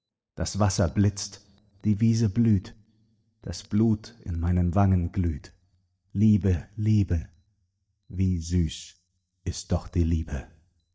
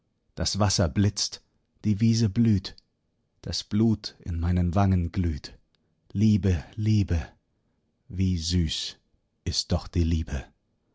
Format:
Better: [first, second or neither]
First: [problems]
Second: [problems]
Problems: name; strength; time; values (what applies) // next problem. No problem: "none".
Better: second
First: noise reduction (neural mask model DeepFilterNet 3)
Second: none